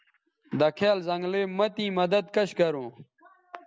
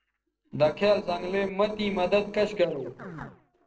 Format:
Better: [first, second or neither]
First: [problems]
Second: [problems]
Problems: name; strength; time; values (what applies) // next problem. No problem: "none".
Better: first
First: none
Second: noise reduction (neural separator model SepFormer DNS4)